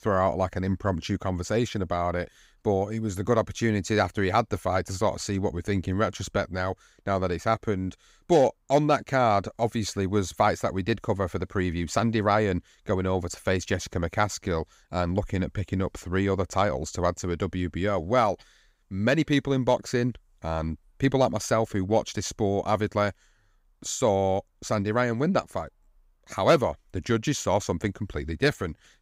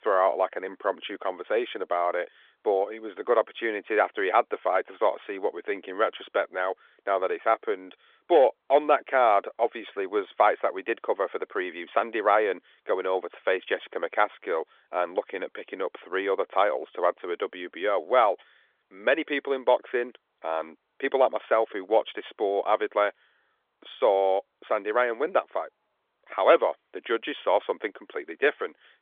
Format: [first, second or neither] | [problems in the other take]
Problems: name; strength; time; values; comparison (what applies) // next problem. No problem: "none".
first | phone-call audio; nothing above 3.5 kHz